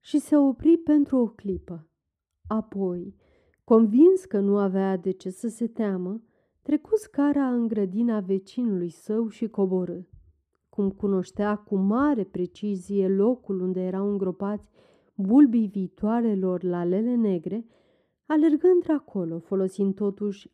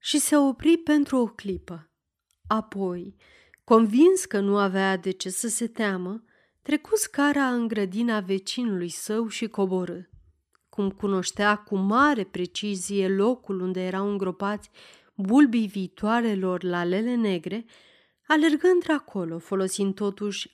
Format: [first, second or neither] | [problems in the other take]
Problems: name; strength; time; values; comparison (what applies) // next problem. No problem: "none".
second | muffled; slightly; fading above 1 kHz